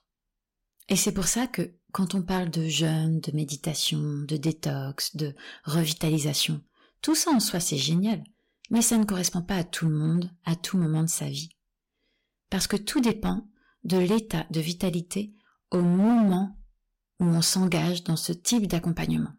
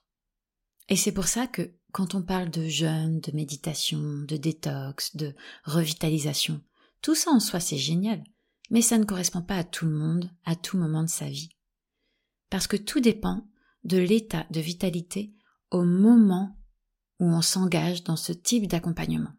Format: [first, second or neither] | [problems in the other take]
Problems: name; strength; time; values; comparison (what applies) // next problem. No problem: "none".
second | distortion; slight; 5% of the sound clipped